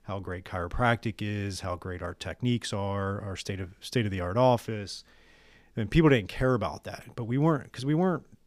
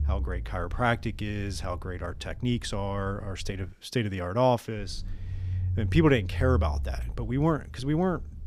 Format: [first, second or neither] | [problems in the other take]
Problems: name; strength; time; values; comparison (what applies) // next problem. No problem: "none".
first | low rumble; faint; until 3.5 s and from 5 s on; 20 dB below the speech